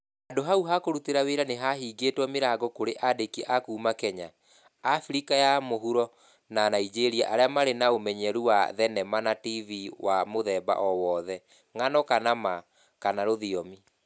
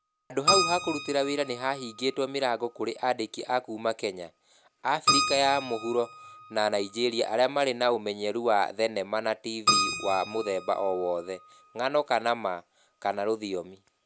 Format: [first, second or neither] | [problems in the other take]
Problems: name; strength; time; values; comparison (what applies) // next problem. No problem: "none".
first | background sound (Keyboard (musical)); 5 dB below the speech